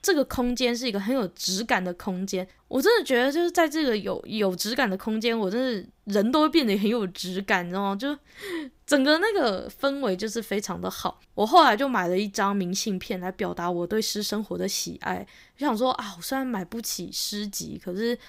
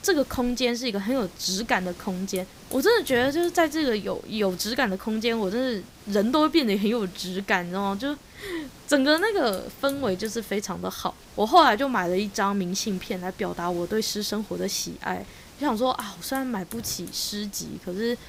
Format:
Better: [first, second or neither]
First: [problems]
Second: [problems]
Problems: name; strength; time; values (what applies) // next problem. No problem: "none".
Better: first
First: none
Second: hiss; noticeable; throughout; 20 dB below the speech